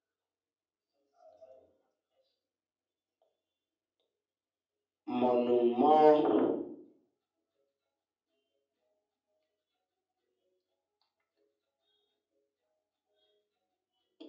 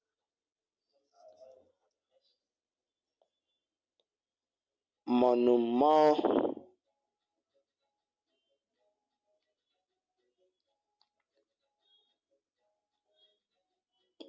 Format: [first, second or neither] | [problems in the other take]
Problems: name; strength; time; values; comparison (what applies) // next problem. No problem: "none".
second | room echo; dies away in 0.6 s